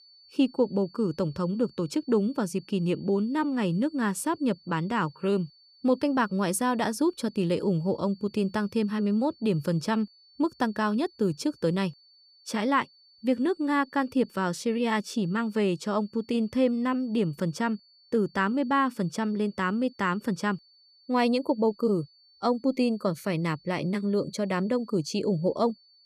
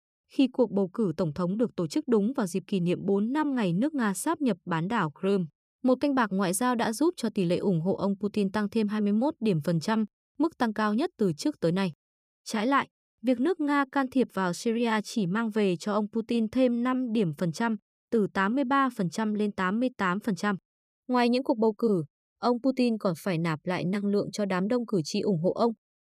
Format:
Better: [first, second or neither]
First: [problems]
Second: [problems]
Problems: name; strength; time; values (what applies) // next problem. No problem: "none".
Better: second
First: high-pitched whine; faint; throughout; 4.5 kHz, 30 dB below the speech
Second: none